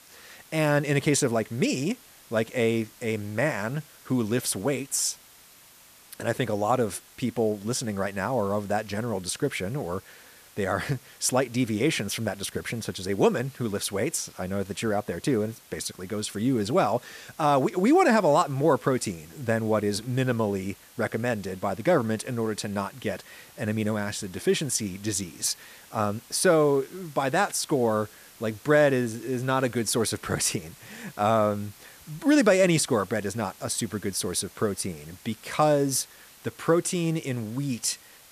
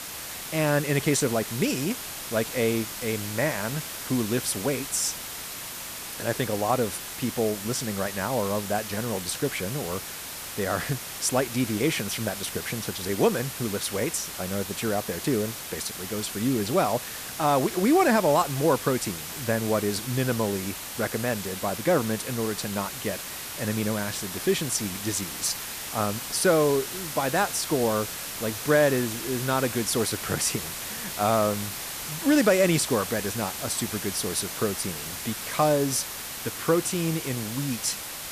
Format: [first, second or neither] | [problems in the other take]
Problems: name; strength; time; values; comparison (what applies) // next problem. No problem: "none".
first | hiss; loud; throughout; 6 dB below the speech; faint in the first